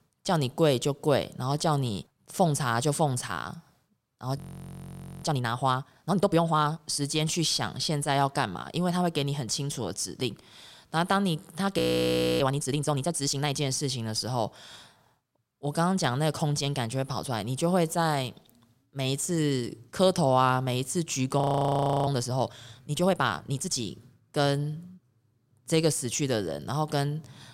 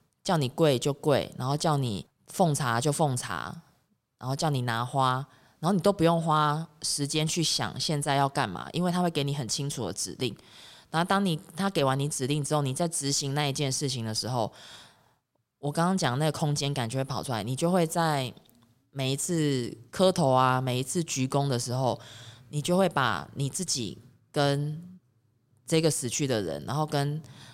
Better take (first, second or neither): second